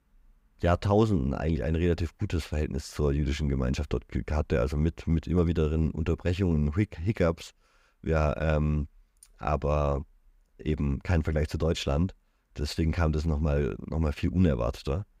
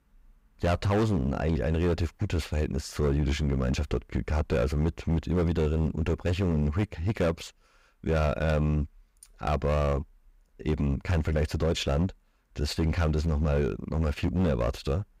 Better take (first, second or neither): first